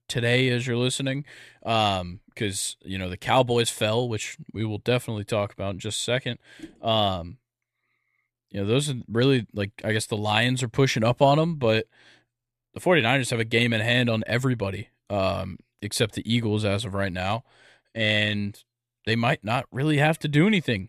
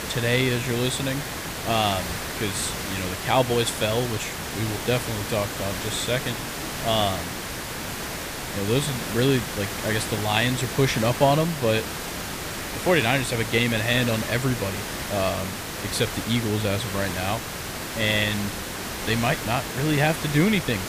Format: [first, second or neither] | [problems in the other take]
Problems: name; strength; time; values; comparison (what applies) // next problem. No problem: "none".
first | hiss; loud; throughout; 5 dB below the speech